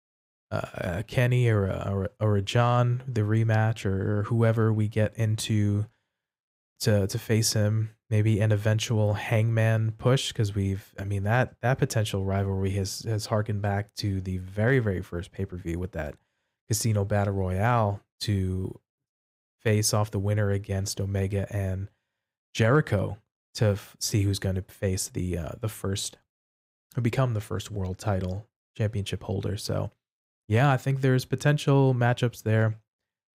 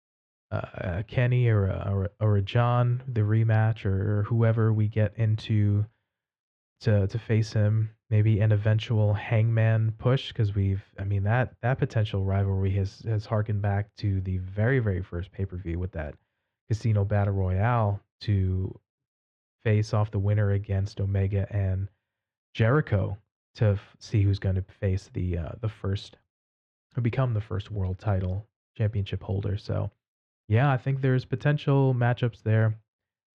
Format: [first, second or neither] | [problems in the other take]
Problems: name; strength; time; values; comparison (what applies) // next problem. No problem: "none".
first | muffled; slightly; fading above 3.5 kHz